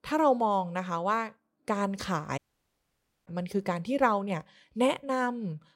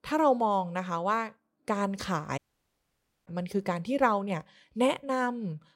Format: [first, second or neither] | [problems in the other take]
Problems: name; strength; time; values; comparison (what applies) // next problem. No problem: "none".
neither | audio cutting out; at 2.5 s for 1 s; the same in both